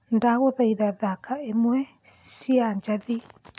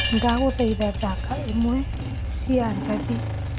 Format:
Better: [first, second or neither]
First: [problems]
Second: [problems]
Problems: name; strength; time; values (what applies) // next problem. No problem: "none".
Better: first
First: none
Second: background sound (Wind chime + Engine starting / Motorcycle); 2 dB below the speech